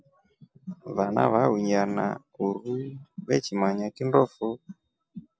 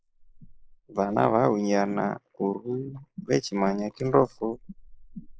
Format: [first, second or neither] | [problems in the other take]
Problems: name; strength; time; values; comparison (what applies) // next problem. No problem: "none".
first | noise reduction (neural mask model Resemble Enhance denoiser)